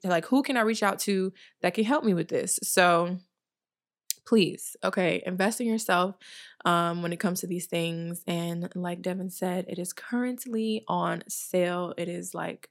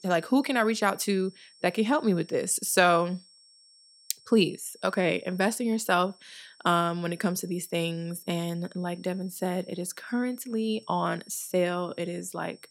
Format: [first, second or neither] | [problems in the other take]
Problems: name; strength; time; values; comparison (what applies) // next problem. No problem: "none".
first | high-pitched whine; faint; throughout; 5.5 kHz, 25 dB below the speech